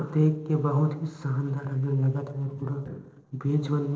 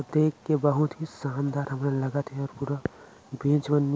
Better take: second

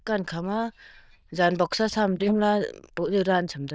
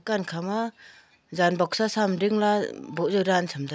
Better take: second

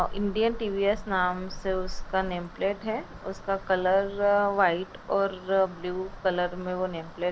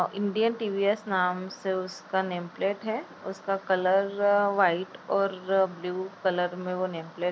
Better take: second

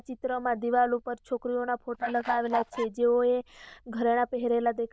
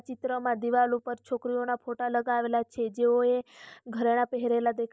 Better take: second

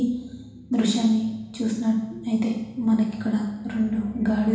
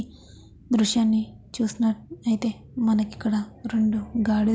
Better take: second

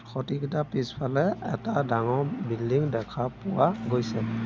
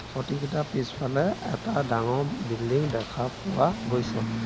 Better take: first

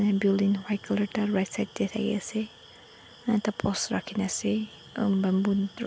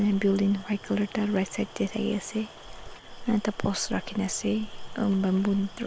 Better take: first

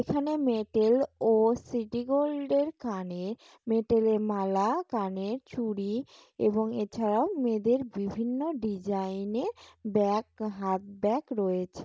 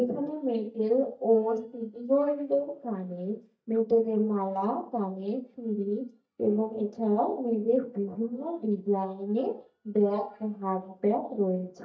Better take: first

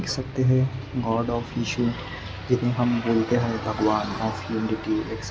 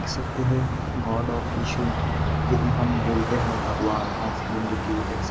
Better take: first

